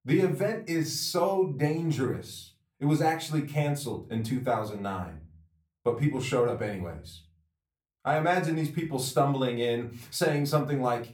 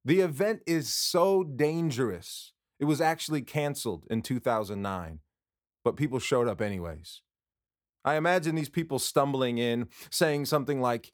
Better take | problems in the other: second | off-mic speech; far // room echo; very slight; dies away in 0.3 s

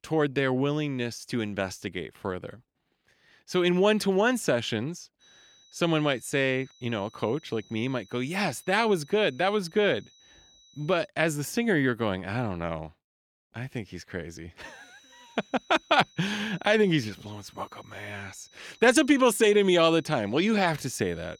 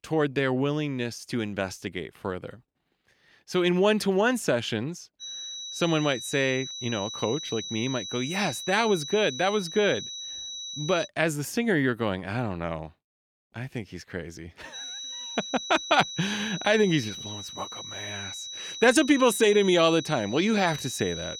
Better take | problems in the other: first | high-pitched whine; loud; from 5 to 11 s and from 15 s on; 4 kHz, 9 dB below the speech; faint in the first

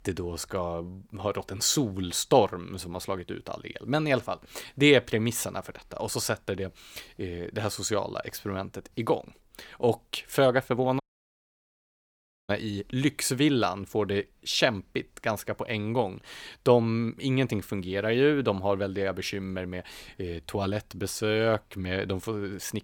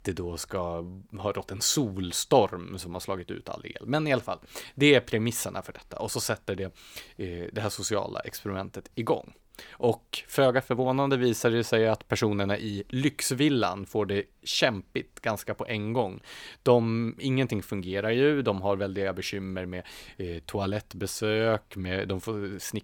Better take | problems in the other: second | audio cutting out; at 11 s for 1.5 s

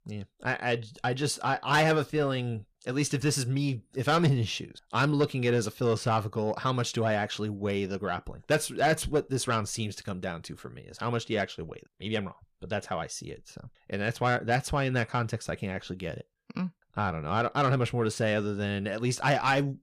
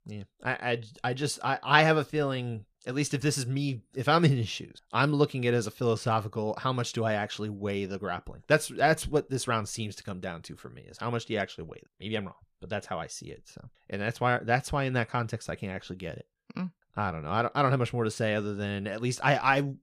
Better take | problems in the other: second | distortion; slight; 10 dB below the speech

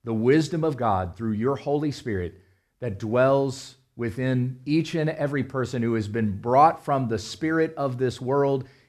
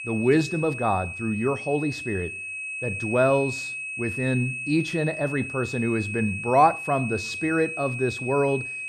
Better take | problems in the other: first | high-pitched whine; loud; throughout; 2.5 kHz, 6 dB below the speech

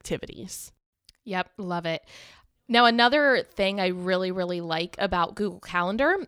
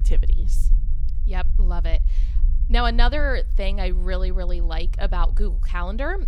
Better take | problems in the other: first | low rumble; faint; throughout; 20 dB below the speech

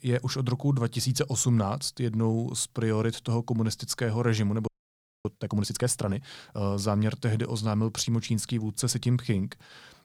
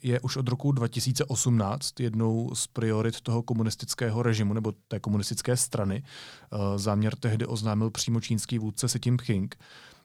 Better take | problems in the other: second | audio freezing; at 4.5 s for 0.5 s

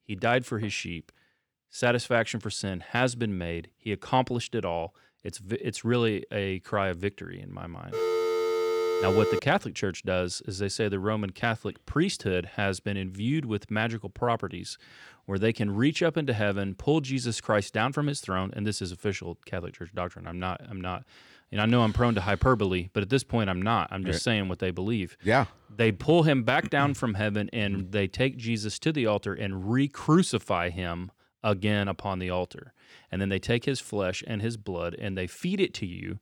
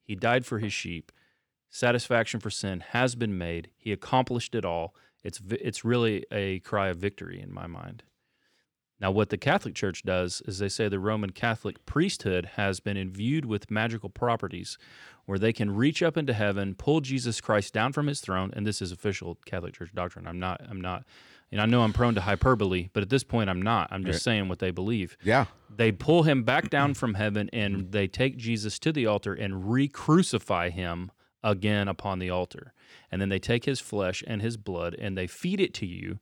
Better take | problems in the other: second | phone ringing; loud; from 8 to 9.5 s; peak 1 dB above the speech

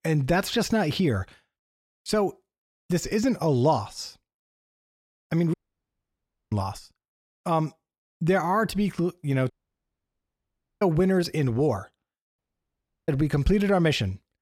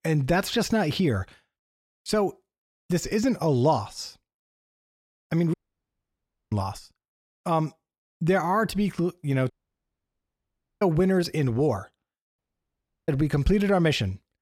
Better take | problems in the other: neither | audio cutting out; at 5.5 s for 1 s, at 9.5 s for 1.5 s and at 12 s for 0.5 s; the same in both

